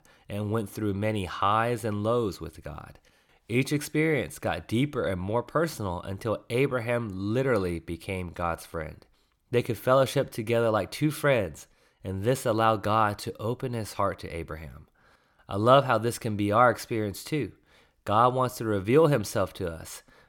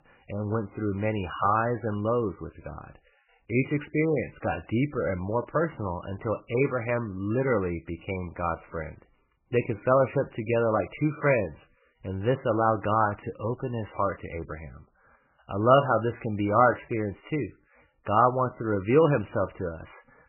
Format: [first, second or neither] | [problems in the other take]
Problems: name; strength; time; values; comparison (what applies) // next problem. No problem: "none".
first | garbled, watery; badly; nothing above 3 kHz